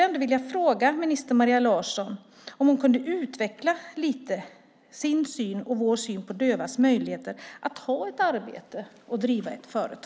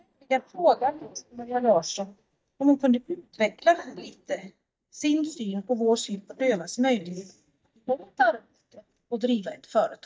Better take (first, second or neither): first